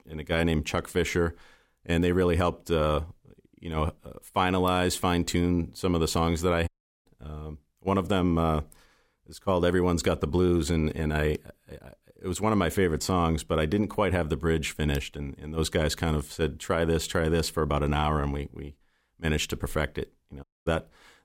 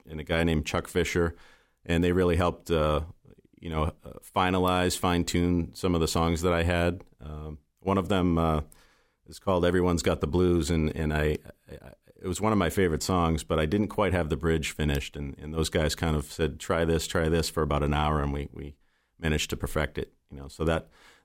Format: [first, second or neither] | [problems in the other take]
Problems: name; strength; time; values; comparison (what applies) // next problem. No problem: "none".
second | audio cutting out; at 6.5 s and at 20 s